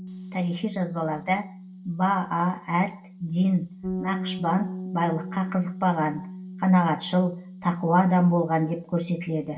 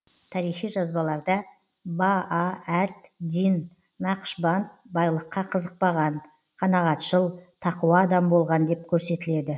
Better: second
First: background sound (Bass guitar); 12 dB below the speech // room echo; dies away in 0.2 s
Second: none

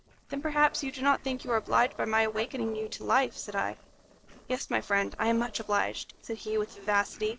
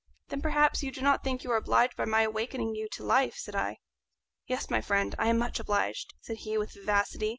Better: second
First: noise reduction (neural separator model SepFormer DNS4)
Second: none

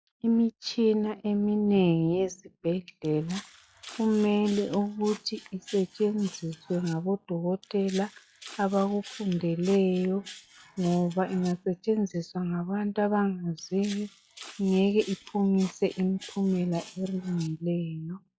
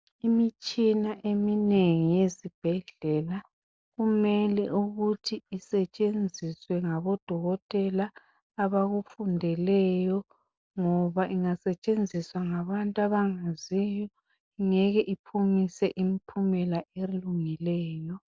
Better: second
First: noise reduction (classical method log-MMSE)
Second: none

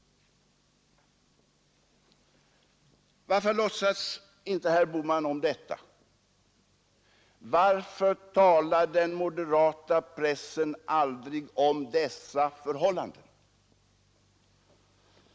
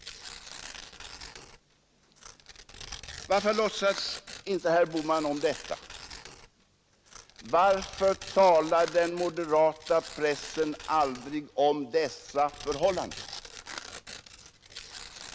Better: first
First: none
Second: background sound (Tearing); 15 dB below the speech

